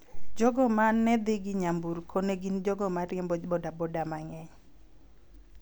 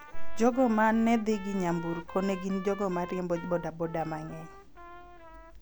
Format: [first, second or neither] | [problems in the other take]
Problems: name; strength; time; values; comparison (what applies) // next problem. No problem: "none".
first | background sound (Trumpet); 18 dB below the speech